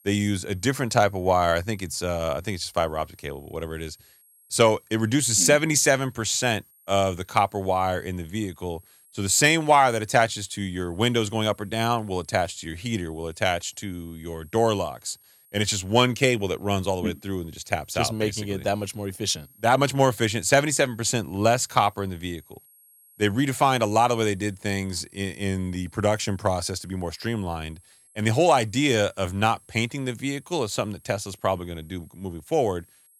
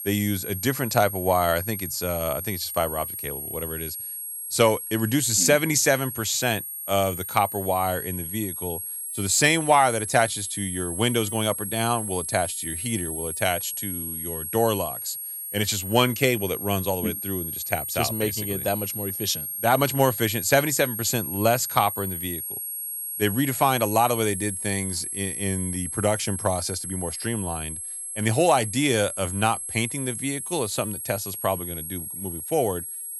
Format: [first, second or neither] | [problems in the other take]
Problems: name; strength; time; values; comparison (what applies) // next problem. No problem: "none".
first | high-pitched whine; loud; throughout; 11 kHz, 5 dB below the speech; faint in the first